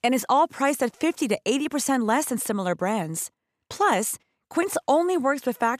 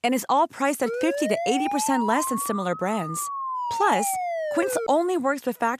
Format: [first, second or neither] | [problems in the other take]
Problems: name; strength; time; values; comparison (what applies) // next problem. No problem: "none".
first | siren; noticeable; from 1 to 5 s; peak 3 dB below the speech